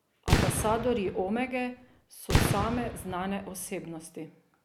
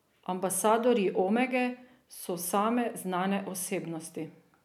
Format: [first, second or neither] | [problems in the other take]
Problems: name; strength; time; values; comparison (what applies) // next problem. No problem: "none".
second | background sound (Fireworks); 2 dB above the speech